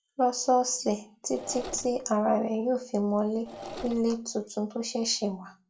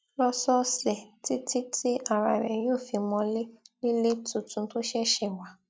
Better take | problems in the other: second | background sound (Engine / Mechanisms); 14 dB below the speech // room echo; dies away in 0.2 s

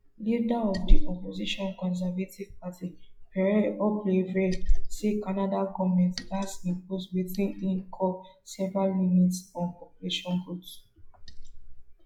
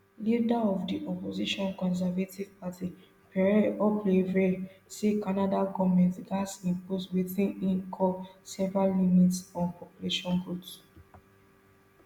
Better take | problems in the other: second | noise reduction (classical method log-MMSE)

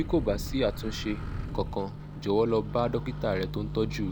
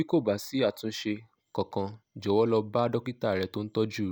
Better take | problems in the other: second | background sound (Microwave oven); 6 dB below the speech

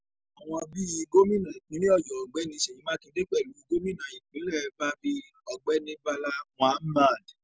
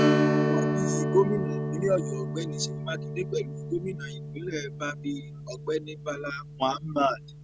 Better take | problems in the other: first | background sound (Strum); 2 dB above the speech

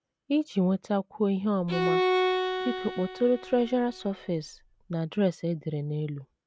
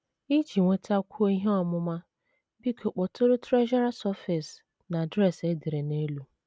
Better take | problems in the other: second | background sound (Bowed string instrument); 2 dB below the speech

